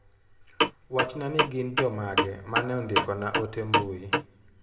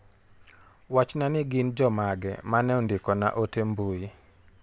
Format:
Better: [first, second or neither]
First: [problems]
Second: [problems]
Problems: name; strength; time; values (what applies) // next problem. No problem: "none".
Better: second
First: background sound (Clock); 3 dB above the speech // room echo; dies away in 0.7 s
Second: none